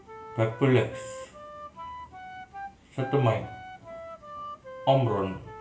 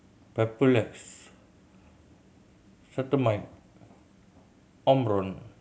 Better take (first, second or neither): second